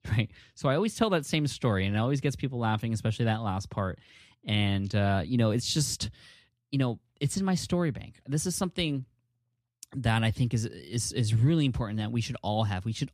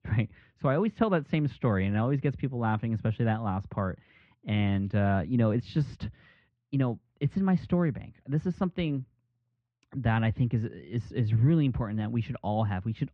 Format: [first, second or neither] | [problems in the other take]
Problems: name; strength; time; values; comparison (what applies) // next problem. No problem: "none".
first | muffled; very; fading above 2 kHz